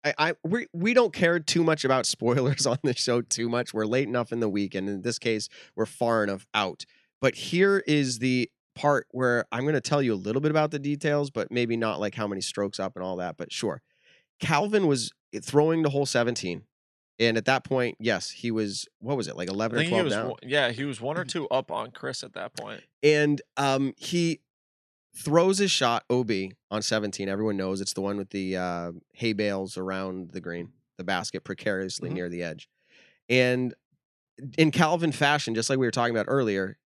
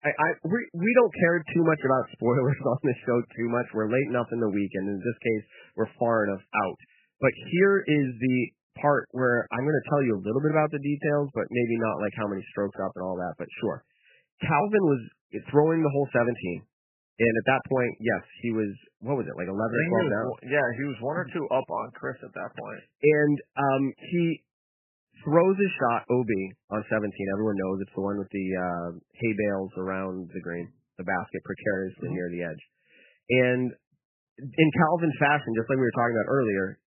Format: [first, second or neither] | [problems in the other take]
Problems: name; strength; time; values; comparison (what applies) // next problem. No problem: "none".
first | garbled, watery; badly; nothing above 3 kHz